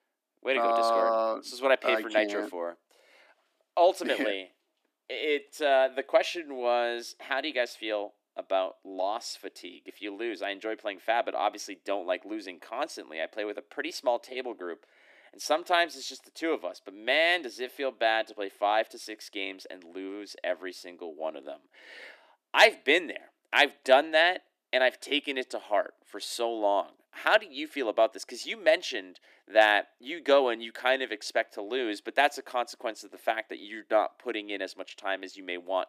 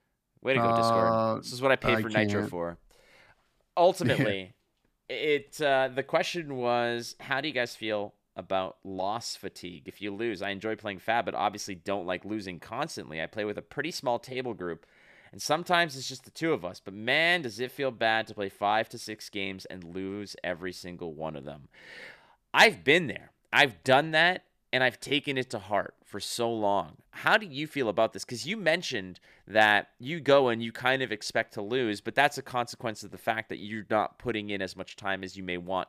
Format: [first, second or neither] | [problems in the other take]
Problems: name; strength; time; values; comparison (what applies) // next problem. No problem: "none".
second | thin; somewhat; fading below 300 Hz